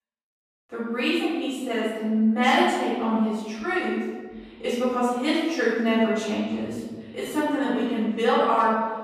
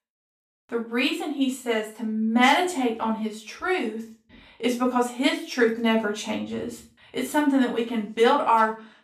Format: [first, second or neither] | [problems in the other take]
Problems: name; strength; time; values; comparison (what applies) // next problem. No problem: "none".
second | room echo; strong; dies away in 1.4 s; slight in the second // off-mic speech; far; far in the second